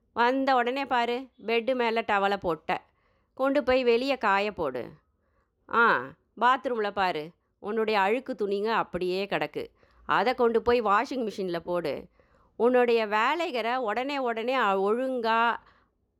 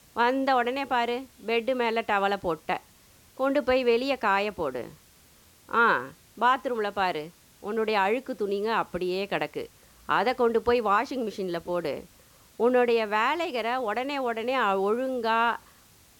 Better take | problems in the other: first | hiss; faint; throughout; 30 dB below the speech

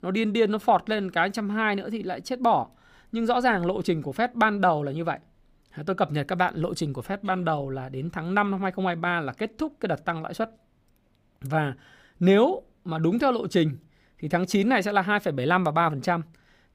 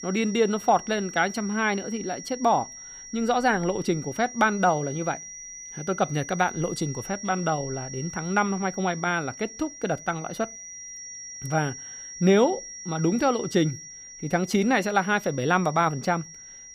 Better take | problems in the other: first | high-pitched whine; noticeable; throughout; 5.5 kHz, 10 dB below the speech

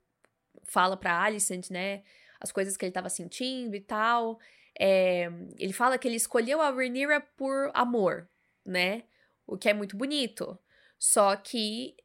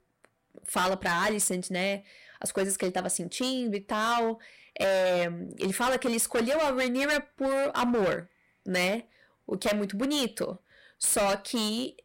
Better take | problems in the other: first | distortion; heavy; 15% of the sound clipped

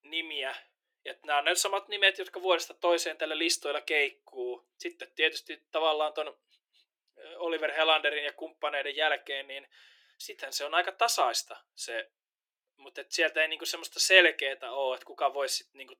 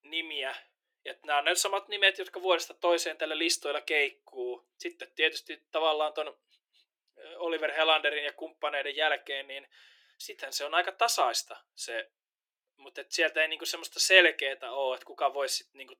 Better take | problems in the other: neither | thin; very; fading below 350 Hz; the same in both

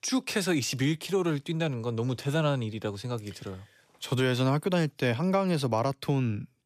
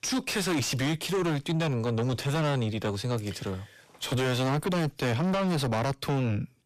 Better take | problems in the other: first | distortion; heavy; 6 dB below the speech

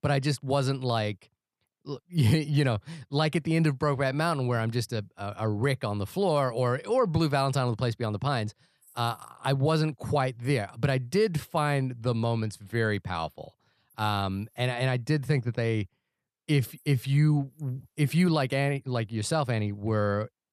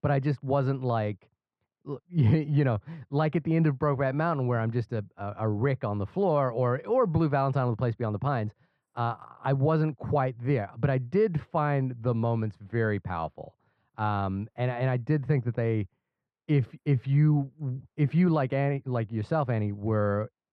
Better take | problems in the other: first | muffled; very; fading above 1.5 kHz

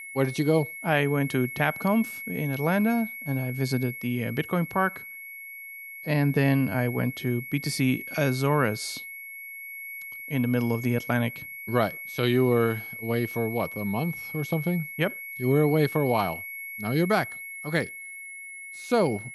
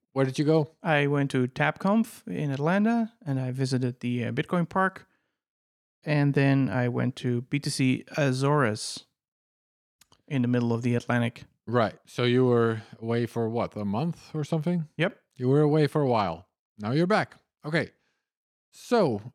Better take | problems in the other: second | high-pitched whine; loud; throughout; 2 kHz, 10 dB below the speech

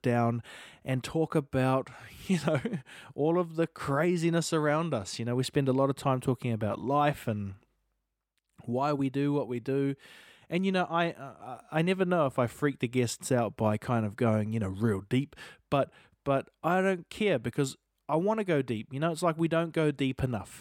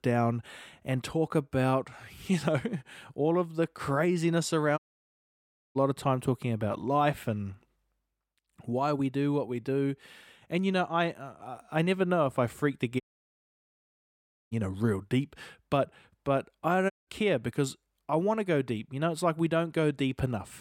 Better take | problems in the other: first | audio cutting out; at 5 s for 1 s, at 13 s for 1.5 s and at 17 s

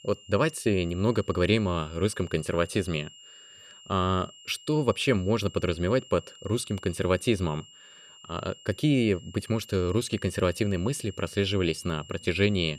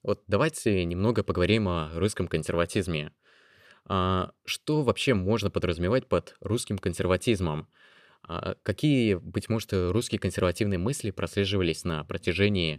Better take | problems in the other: second | high-pitched whine; faint; throughout; 3 kHz, 20 dB below the speech

